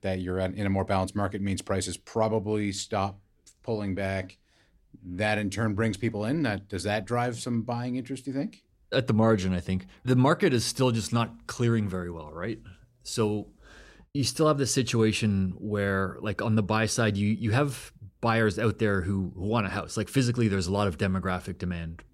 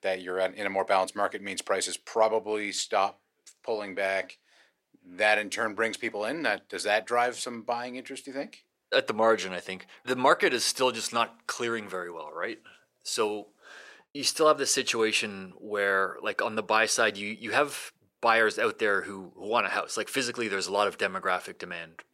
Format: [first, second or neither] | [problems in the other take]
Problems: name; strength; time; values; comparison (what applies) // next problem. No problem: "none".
first | thin; very; fading below 550 Hz